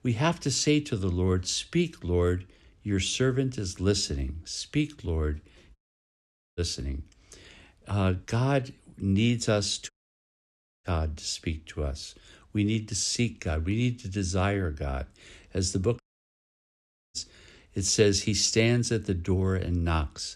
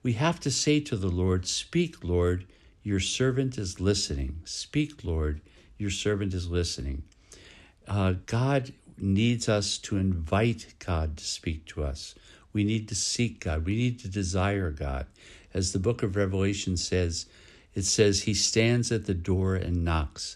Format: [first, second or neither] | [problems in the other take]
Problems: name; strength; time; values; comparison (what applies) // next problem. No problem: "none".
second | audio cutting out; at 6 s for 1 s, at 10 s for 1 s and at 16 s for 1 s